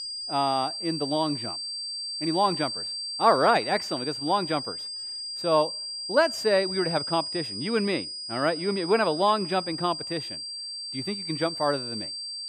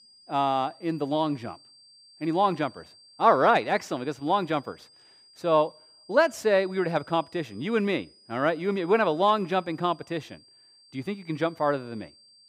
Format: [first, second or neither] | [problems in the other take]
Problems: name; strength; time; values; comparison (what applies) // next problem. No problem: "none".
second | high-pitched whine; loud; throughout; 4.5 kHz, 5 dB below the speech; faint in the second